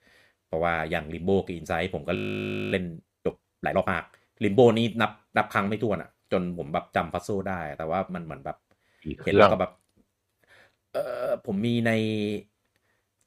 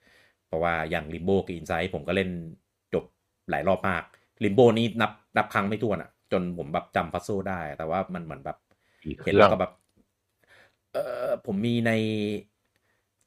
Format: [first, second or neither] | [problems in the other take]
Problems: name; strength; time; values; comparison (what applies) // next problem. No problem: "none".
second | audio freezing; at 2 s for 0.5 s